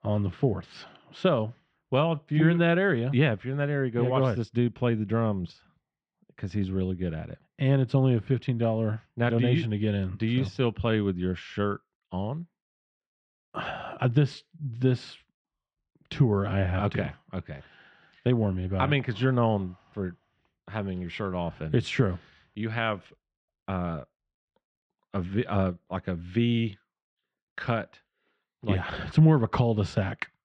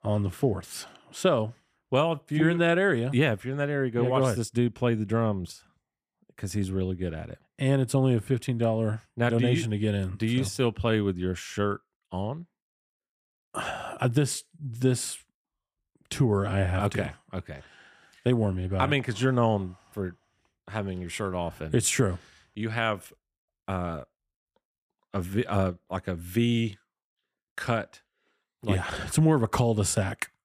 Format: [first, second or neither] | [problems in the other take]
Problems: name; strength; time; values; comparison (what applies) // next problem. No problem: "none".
second | muffled; slightly; fading above 4 kHz